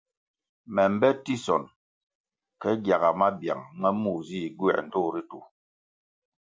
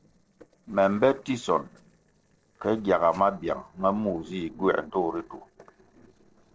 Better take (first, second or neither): first